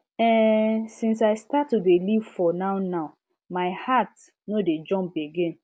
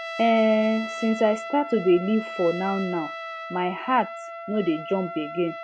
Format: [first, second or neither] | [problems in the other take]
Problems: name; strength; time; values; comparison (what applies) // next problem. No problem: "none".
first | background sound (Trumpet); 10 dB below the speech